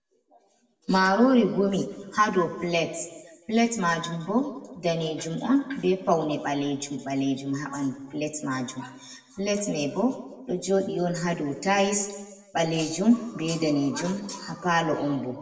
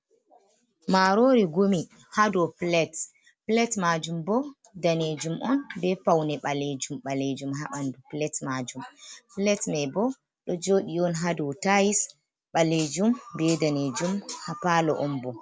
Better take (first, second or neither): second